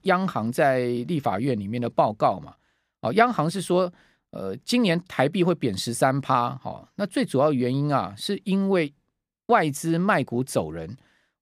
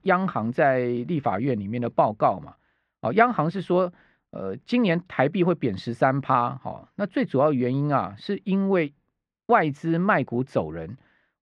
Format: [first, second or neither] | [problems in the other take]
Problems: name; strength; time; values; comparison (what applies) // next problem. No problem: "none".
first | muffled; slightly; fading above 2 kHz